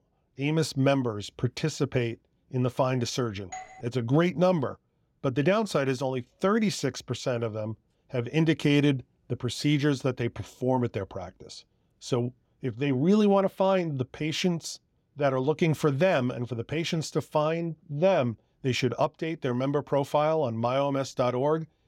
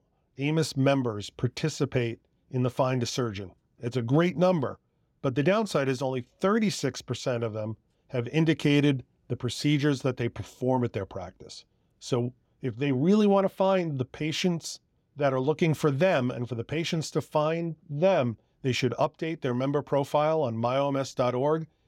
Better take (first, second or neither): second